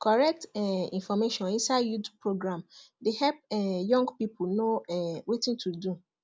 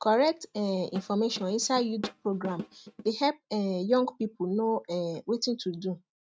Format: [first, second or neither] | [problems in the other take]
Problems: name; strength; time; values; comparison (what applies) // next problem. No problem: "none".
first | noise reduction (neural mask model RNNoise)